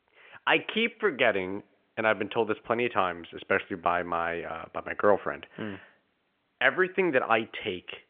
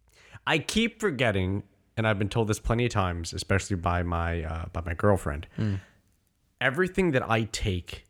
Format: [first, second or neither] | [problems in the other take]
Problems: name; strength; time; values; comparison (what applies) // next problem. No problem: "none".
second | phone-call audio; nothing above 3.5 kHz